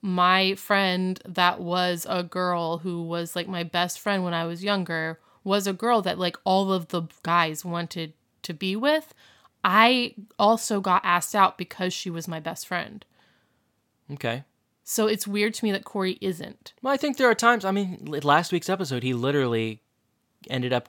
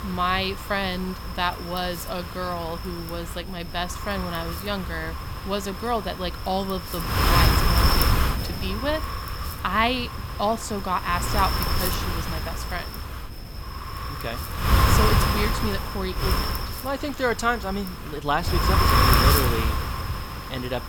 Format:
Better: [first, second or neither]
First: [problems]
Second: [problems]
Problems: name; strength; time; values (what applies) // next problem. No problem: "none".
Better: first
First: none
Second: wind noise on the microphone; heavy; as loud as the speech